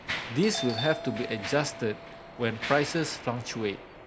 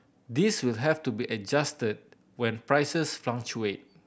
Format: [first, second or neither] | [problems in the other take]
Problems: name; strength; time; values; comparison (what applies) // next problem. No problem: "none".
second | background sound (Mechanisms + Doorbell); 8 dB below the speech